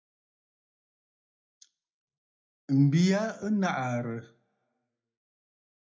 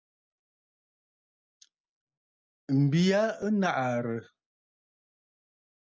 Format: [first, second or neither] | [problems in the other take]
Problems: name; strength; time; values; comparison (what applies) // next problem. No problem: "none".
second | room echo; dies away in 0.3 s